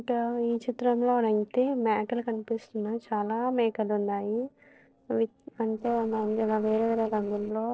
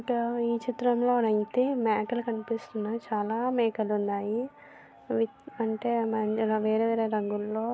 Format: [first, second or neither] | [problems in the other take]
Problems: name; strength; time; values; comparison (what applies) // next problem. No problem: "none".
second | noise reduction (neural separator model SepFormer DNS4)